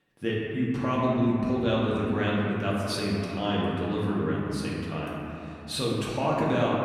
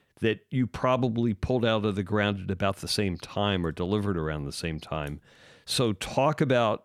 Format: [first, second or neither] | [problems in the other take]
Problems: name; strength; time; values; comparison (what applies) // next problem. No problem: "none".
second | room echo; noticeable; dies away in 2.9 s // off-mic speech; far